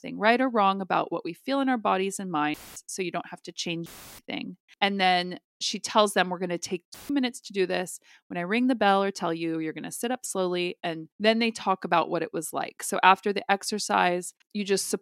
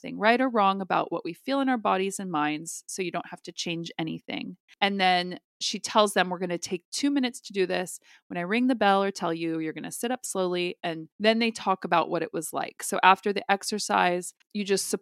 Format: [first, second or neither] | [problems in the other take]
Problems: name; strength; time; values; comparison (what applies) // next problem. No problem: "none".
second | audio cutting out; filled with static; at 2.5 s, at 4 s and at 7 s